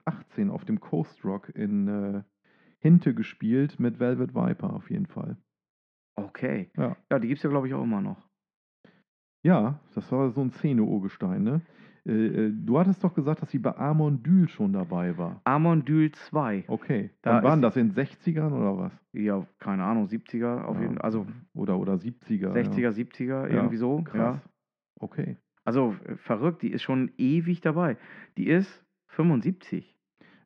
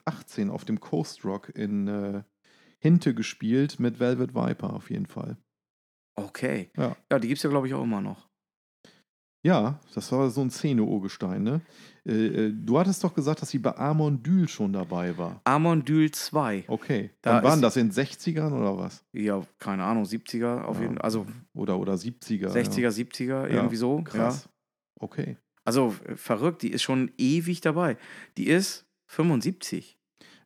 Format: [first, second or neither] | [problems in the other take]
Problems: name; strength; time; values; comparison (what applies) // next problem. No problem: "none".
second | muffled; very; fading above 2.5 kHz